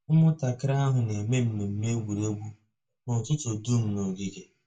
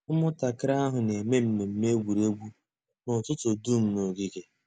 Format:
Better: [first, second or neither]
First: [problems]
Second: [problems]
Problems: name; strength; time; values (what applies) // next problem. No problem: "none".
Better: second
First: room echo; dies away in 0.2 s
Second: none